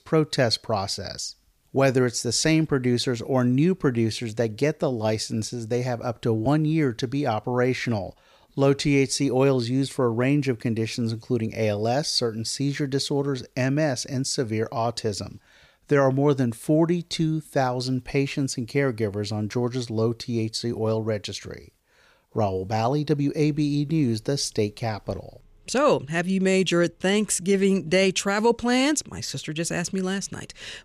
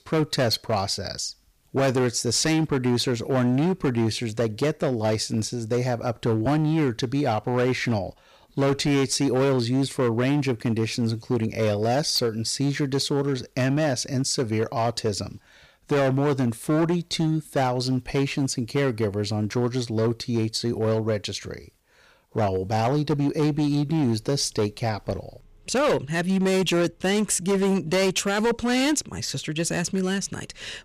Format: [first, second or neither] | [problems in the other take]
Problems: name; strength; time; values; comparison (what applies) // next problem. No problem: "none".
first | distortion; slight; 11% of the sound clipped